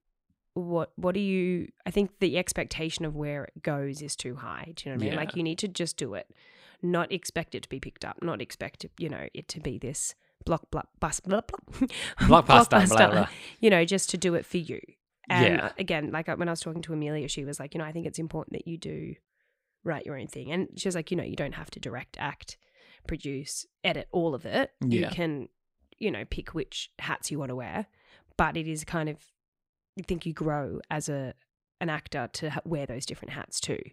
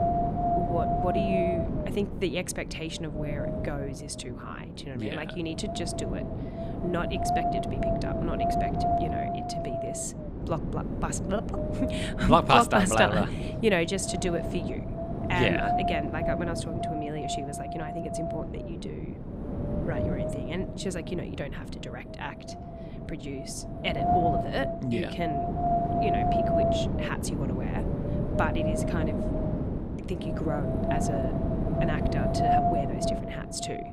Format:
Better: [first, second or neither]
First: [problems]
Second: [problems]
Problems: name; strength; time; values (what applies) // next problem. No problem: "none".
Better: first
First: none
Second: wind noise on the microphone; heavy; 1 dB above the speech